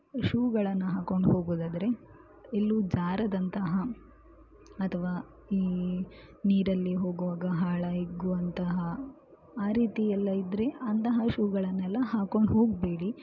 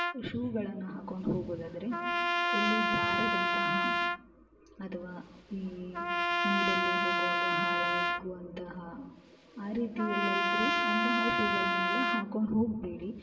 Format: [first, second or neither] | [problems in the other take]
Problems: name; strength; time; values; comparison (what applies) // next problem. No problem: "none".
first | background sound (Trumpet); 4 dB above the speech // room echo; dies away in 1.3 s